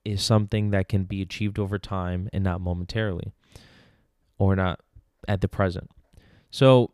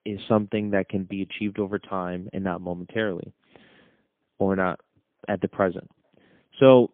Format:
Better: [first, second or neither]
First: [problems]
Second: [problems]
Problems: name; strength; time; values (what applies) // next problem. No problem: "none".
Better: first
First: none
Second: phone-call audio; poor line; nothing above 3.5 kHz